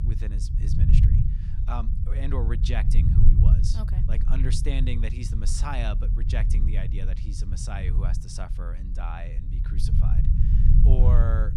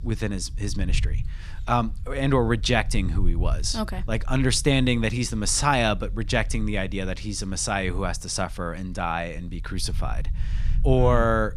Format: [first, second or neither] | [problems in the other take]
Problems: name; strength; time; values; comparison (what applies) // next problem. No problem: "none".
second | low rumble; loud; throughout; 2 dB below the speech; faint in the second